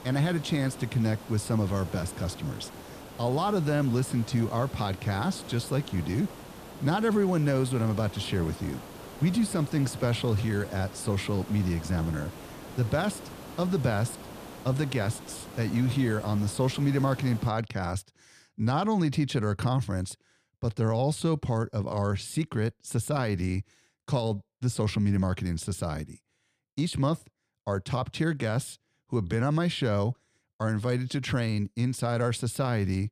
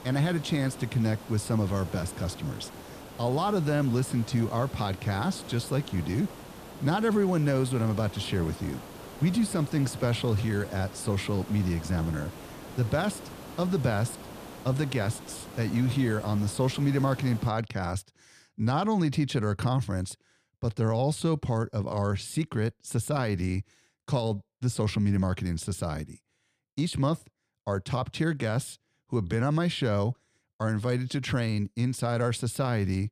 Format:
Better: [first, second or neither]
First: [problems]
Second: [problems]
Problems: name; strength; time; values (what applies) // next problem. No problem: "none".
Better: neither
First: hiss; noticeable; until 17 s; 15 dB below the speech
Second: hiss; noticeable; until 17 s; 15 dB below the speech